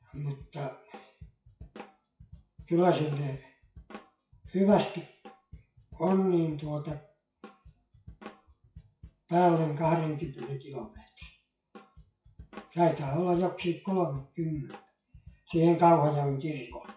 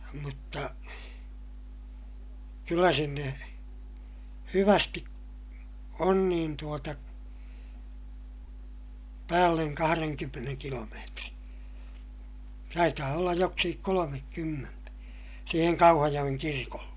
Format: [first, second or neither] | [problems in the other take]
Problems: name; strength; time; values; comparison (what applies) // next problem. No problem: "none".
second | noise reduction (classical method WPE with log-MMSE)